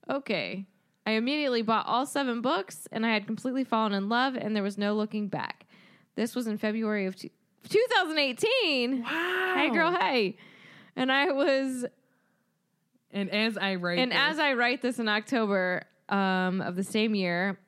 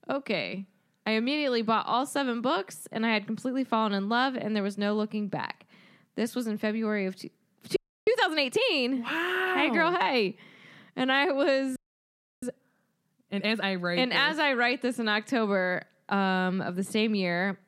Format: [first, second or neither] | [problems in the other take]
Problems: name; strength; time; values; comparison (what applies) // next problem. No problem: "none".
first | audio freezing; at 8 s and at 12 s for 0.5 s